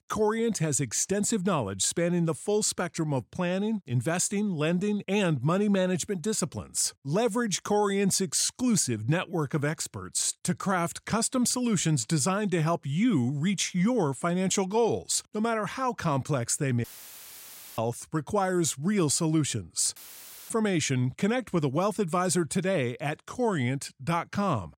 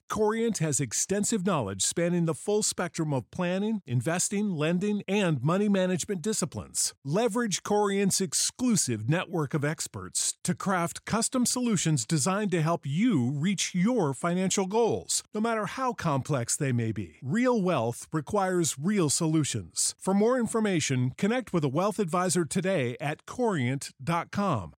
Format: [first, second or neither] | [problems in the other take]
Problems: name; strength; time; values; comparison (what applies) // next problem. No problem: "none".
second | audio cutting out; filled with static; at 17 s for 1 s and at 20 s for 0.5 s